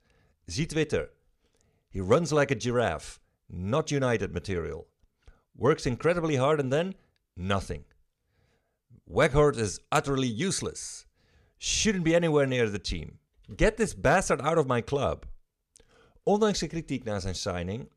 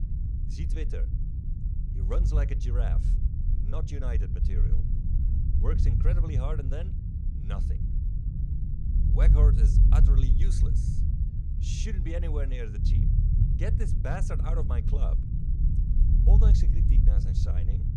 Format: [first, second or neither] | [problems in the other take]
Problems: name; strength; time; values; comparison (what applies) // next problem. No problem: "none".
first | low rumble; loud; throughout; 2 dB below the speech